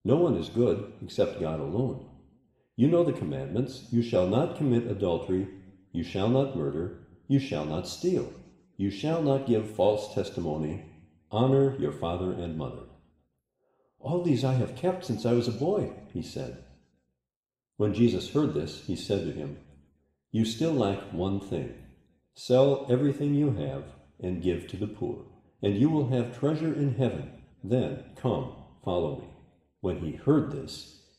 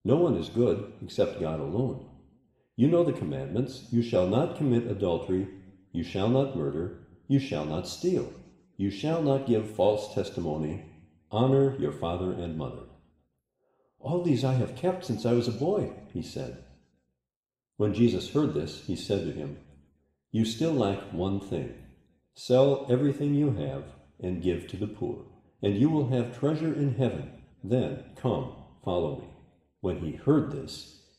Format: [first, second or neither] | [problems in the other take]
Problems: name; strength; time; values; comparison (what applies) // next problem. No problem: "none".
neither | room echo; noticeable; dies away in 0.9 s; the same in both // off-mic speech; somewhat distant; the same in both